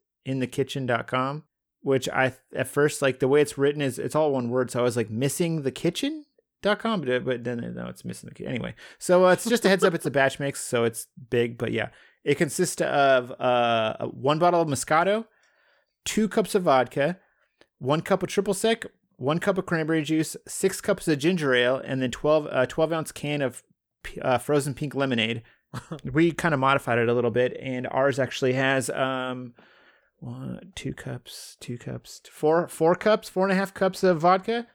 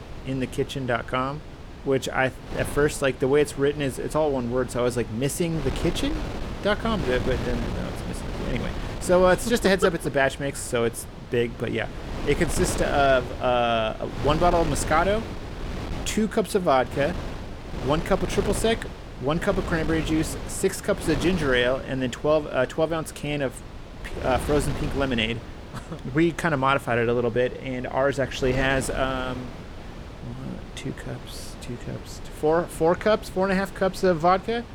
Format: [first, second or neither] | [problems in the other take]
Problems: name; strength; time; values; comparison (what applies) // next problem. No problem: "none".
first | wind noise on the microphone; occasional gusts; 15 dB below the speech